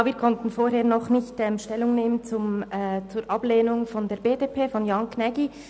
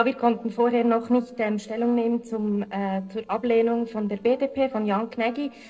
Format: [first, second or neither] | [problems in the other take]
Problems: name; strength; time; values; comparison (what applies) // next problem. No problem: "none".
first | noise reduction (neural separator model SepFormer DNS4)